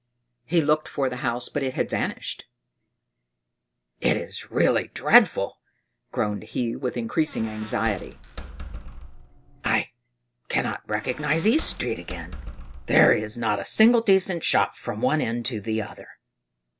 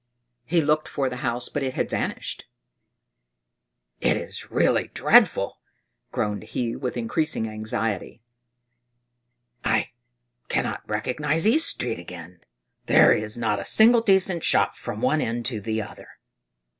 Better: second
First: background sound (Squeak); 12 dB below the speech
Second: none

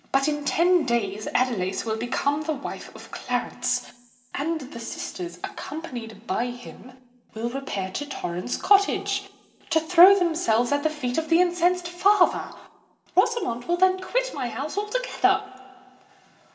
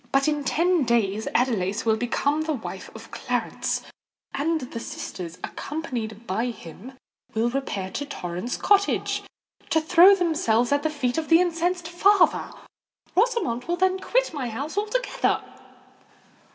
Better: second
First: room echo; dies away in 0.7 s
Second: none

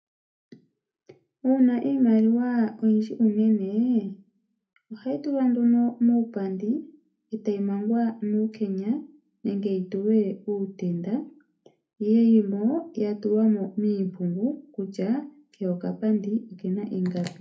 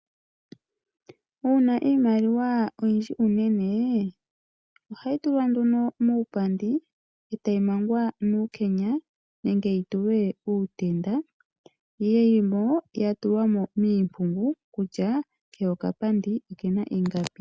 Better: second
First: room echo; dies away in 0.3 s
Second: none

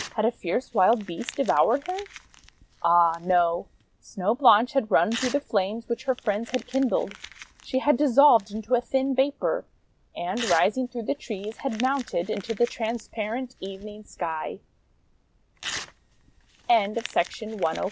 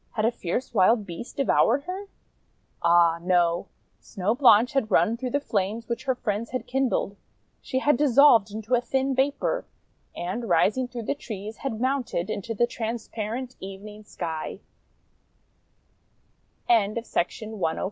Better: second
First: background sound (Crumpling, crinkling / Tearing); 18 dB below the speech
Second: none

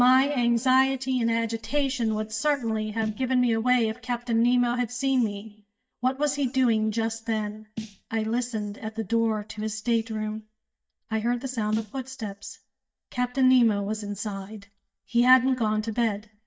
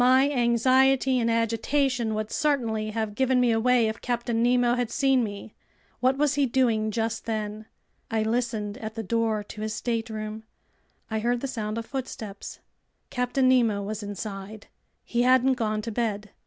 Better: second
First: noise reduction (neural mask model DeepFilterNet 3)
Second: none

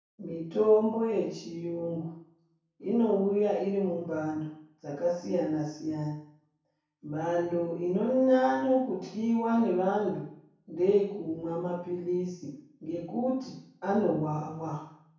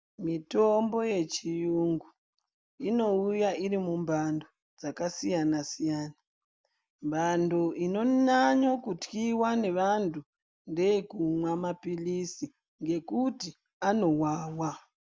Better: second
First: room echo; dies away in 0.6 s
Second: none

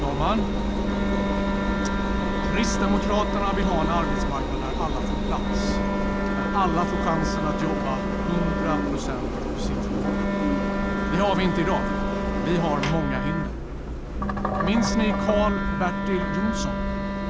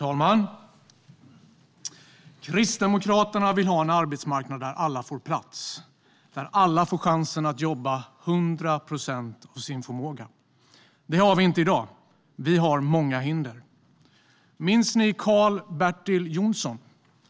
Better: second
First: background sound (Wind instrument, woodwind instrument + Engine); 4 dB above the speech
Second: none

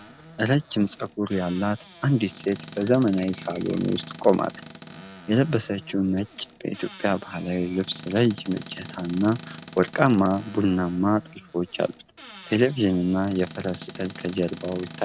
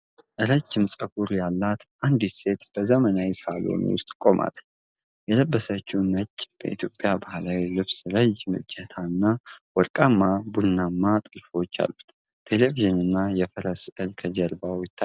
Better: second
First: background sound (Squeak / Cupboard open or close); 18 dB below the speech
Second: none

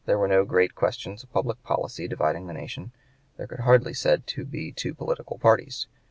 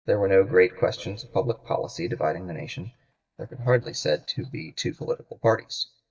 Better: first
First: none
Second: noise reduction (neural mask model DeepFilterNet 3)

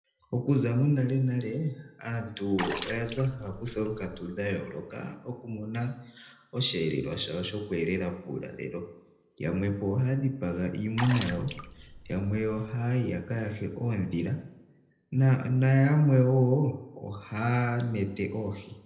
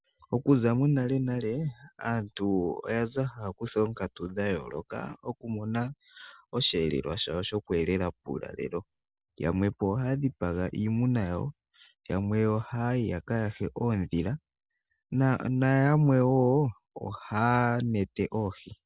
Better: second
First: background sound (Water / Splash, splatter); 11 dB below the speech // room echo; dies away in 0.6 s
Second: none

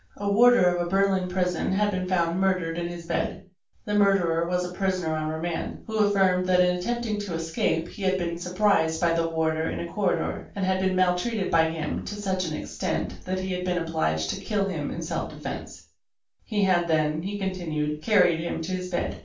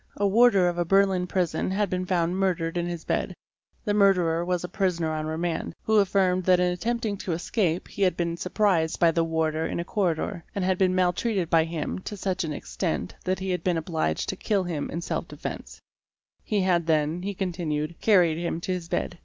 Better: second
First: room echo; dies away in 0.3 s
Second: none

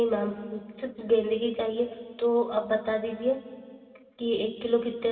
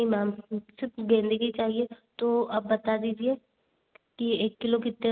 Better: second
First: room echo; dies away in 2.3 s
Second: none

